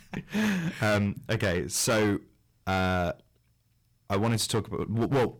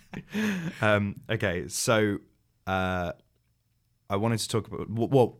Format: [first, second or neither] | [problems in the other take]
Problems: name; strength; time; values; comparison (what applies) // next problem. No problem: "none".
second | distortion; heavy; 10% of the sound clipped